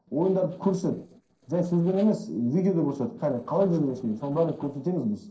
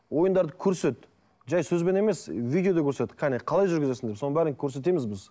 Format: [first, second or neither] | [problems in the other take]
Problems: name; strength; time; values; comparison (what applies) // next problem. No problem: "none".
second | noise reduction (neural separator model SepFormer DNS4)